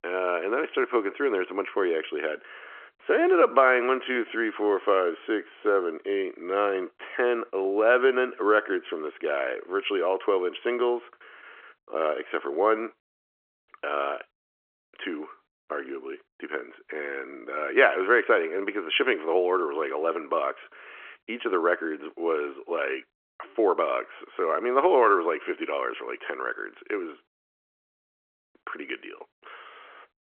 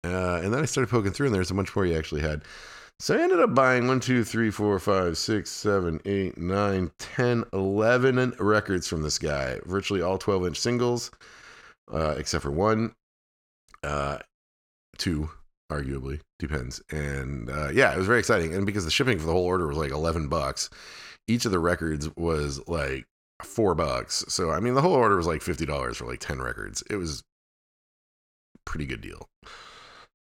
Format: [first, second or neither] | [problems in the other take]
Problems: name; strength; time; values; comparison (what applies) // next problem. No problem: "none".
second | phone-call audio